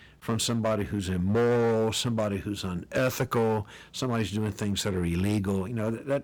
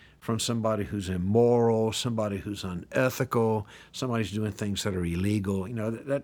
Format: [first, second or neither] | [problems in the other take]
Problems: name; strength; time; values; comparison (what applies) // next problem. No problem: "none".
second | distortion; slight; 8% of the sound clipped